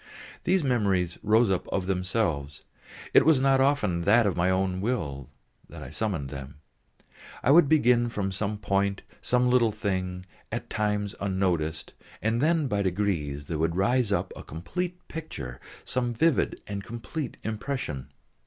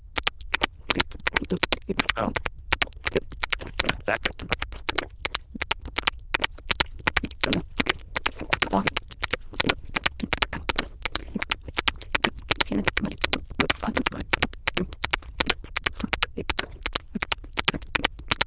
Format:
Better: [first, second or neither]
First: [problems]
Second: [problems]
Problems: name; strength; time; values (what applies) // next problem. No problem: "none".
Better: first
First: none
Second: noise reduction (neural diffusion model UNIVERSE++)